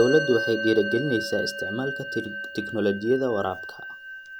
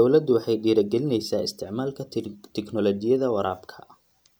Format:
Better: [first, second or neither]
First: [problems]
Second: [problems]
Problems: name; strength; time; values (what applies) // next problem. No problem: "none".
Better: second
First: background sound (Musical instrument); 7 dB below the speech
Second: none